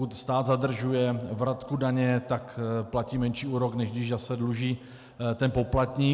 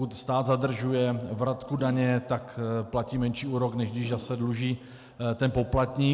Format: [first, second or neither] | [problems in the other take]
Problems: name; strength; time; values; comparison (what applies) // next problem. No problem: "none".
first | background sound (Fart); 14 dB below the speech